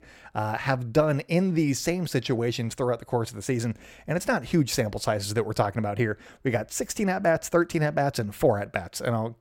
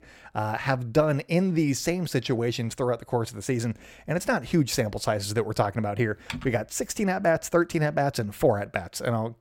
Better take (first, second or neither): first